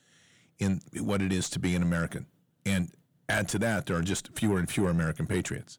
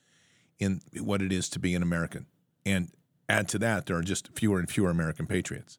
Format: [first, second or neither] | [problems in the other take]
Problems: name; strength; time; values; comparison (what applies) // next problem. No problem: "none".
second | distortion; slight; 10 dB below the speech